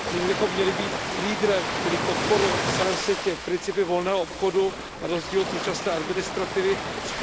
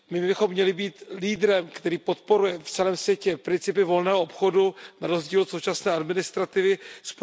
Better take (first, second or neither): second